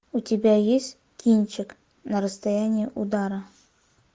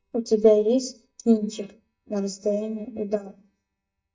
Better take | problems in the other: first | noise reduction (neural mask model DeepFilterNet 3)

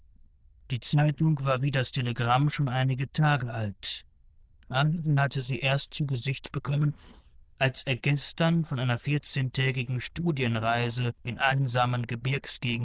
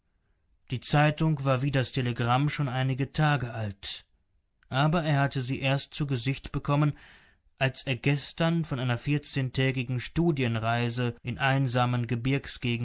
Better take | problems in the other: second | noise reduction (neural diffusion model UNIVERSE++)

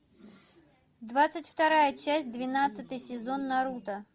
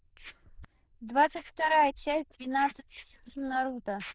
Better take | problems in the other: first | noise reduction (neural diffusion model UNIVERSE++)

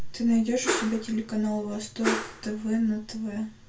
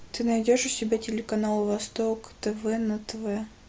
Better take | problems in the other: second | background sound (Whoosh, swoosh, swish); 5 dB below the speech // room echo; dies away in 0.2 s

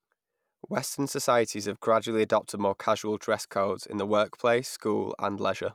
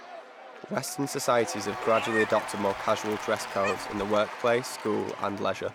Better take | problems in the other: first | background sound (Meow + Applause / Crowd / Cheering); 8 dB below the speech

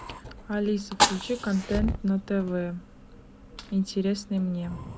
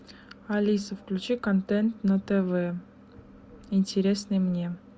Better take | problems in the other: second | background sound (Fire); 4 dB below the speech

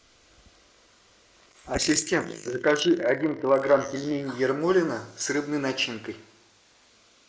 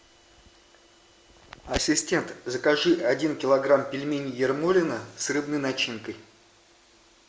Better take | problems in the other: second | noise reduction (neural mask model Resemble Enhance denoiser)

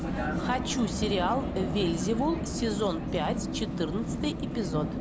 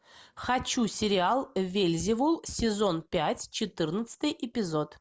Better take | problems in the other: second | background sound (Vehicle); 1 dB below the speech

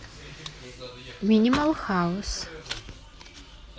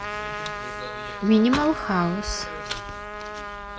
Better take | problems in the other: first | background sound (Trumpet); 8 dB below the speech

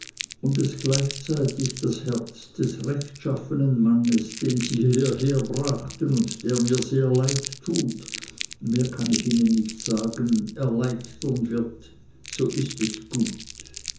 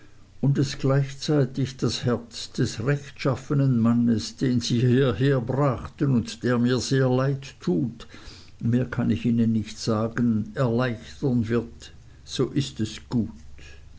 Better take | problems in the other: second | background sound (Crumpling, crinkling); 13 dB below the speech // room echo; dies away in 0.6 s

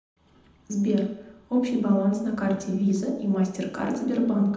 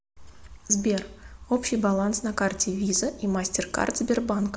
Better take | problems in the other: second | room echo; dies away in 0.8 s

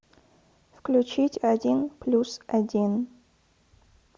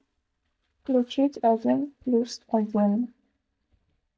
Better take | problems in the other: first | noise reduction (neural mask model DeepFilterNet 3)

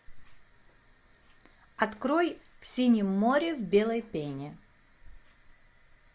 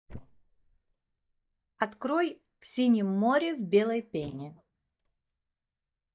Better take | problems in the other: first | noise reduction (neural mask model DeepFilterNet 3)

